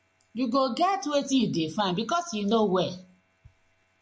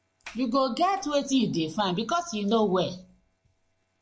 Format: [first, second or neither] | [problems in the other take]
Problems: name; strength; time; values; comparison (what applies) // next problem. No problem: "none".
first | noise reduction (neural separator model SepFormer DNS4)